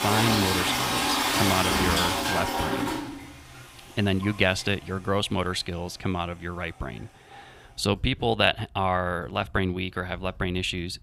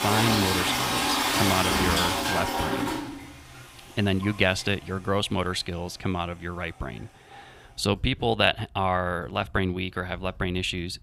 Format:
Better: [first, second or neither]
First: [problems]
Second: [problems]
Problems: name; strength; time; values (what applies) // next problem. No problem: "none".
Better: neither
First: household noises; very loud; throughout; 3 dB above the speech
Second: household noises; very loud; throughout; 3 dB above the speech